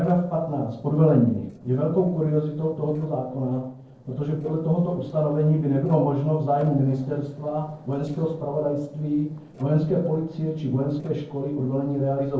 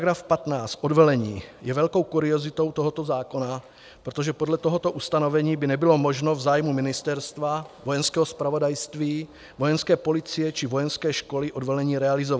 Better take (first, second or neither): second